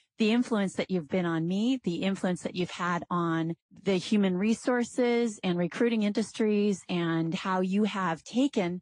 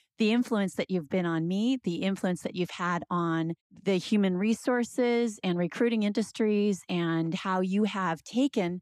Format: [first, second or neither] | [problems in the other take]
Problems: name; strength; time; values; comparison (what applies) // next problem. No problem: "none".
second | garbled, watery; slightly; nothing above 8.5 kHz